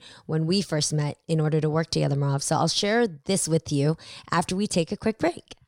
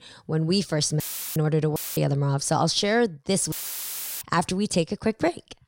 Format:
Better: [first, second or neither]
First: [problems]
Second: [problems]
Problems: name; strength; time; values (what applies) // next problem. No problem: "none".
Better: first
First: none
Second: audio cutting out; filled with static; at 1 s, at 2 s and at 3.5 s for 0.5 s